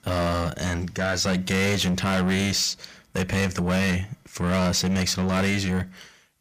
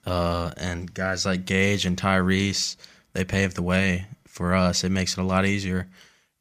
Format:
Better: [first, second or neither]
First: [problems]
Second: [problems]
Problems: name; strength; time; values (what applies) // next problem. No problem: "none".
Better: second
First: distortion; heavy; 7 dB below the speech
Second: none